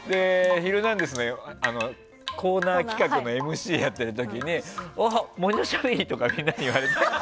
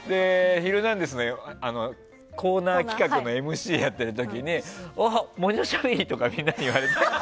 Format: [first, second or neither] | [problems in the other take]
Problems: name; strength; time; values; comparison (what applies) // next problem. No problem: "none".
second | background sound (Drip / Rain); 12 dB below the speech